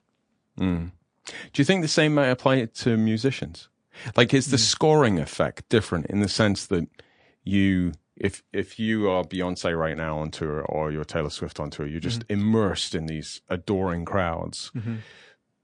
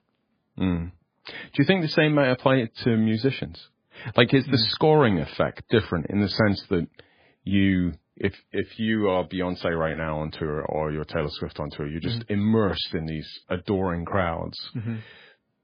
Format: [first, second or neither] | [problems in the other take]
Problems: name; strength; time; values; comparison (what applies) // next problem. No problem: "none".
first | garbled, watery; badly; nothing above 4 kHz; slightly in the first